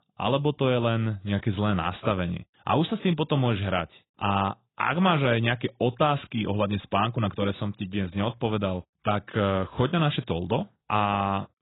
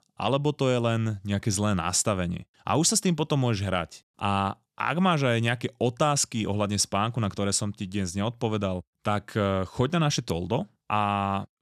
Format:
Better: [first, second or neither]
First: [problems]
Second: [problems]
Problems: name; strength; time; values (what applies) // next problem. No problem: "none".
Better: second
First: garbled, watery; badly; nothing above 3.5 kHz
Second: none